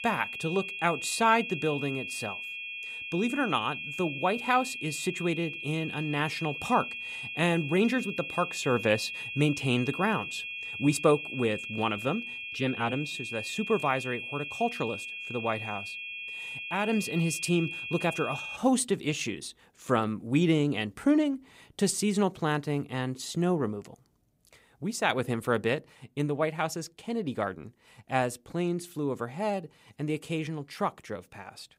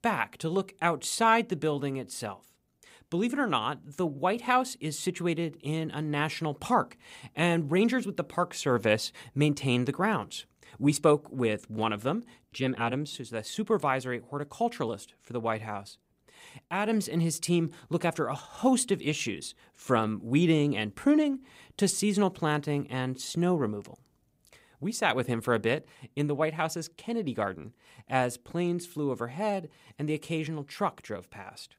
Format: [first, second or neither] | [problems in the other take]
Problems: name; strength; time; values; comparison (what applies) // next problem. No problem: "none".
second | high-pitched whine; loud; until 19 s; 2.5 kHz, 6 dB below the speech